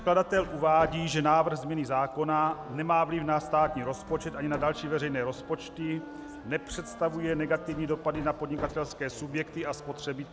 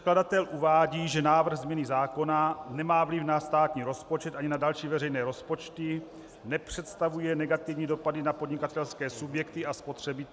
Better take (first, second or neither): second